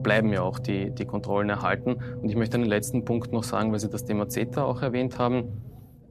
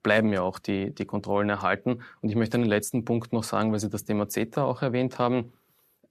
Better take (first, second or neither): second